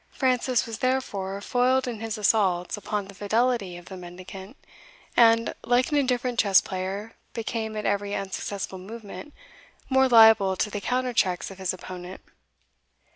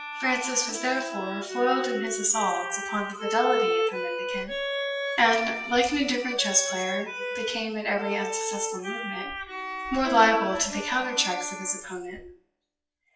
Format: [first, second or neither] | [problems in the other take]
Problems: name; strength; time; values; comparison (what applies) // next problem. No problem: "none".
first | noise reduction (classical method WPE with log-MMSE)